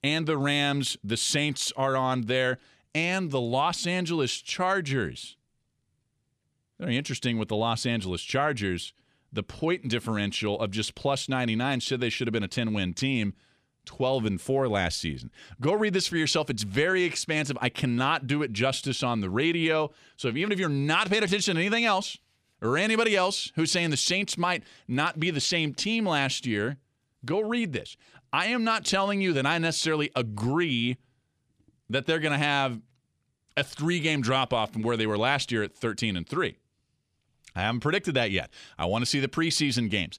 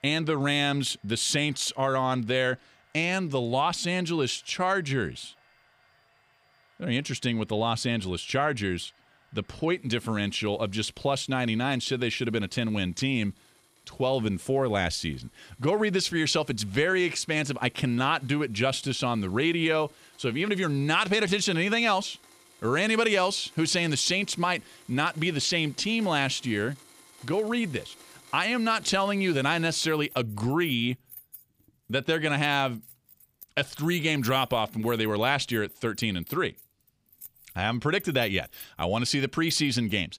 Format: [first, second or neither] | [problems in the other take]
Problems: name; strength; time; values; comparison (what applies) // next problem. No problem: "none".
first | household noises; faint; throughout; 25 dB below the speech